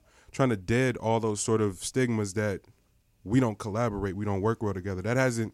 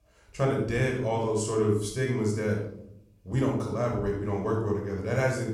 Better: first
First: none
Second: off-mic speech; somewhat distant // room echo; noticeable; dies away in 0.6 s

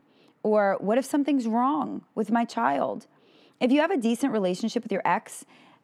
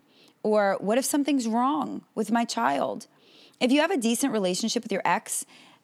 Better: second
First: muffled; slightly; fading above 3 kHz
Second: none

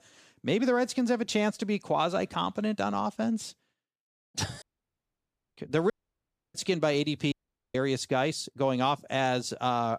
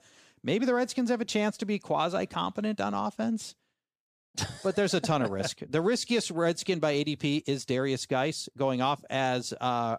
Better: second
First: audio cutting out; at 4.5 s for 1 s, at 6 s for 0.5 s and at 7.5 s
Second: none

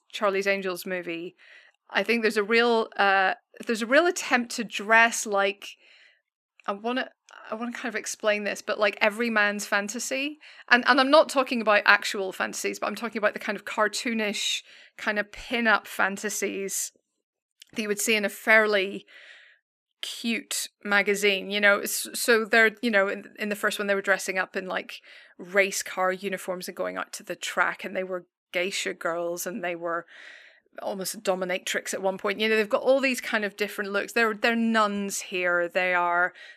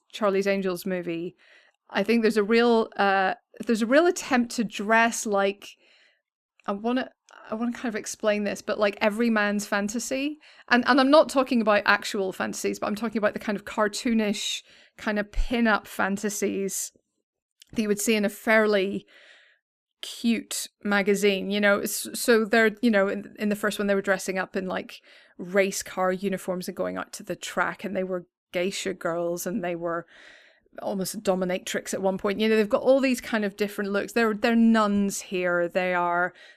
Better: second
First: thin; very slightly; fading below 900 Hz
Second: none

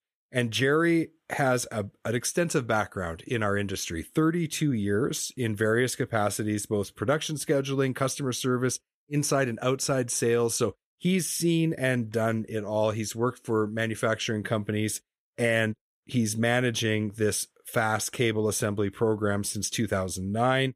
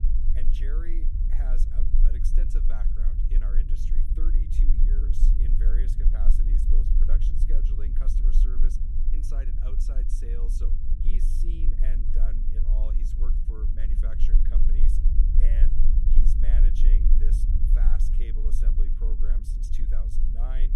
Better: first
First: none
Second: low rumble; loud; throughout; as loud as the speech

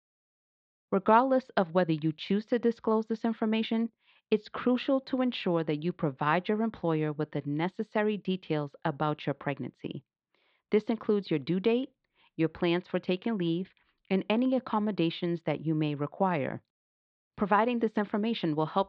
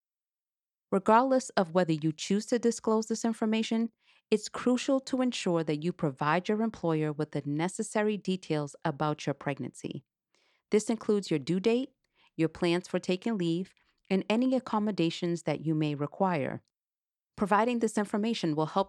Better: second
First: muffled; slightly; fading above 4 kHz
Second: none

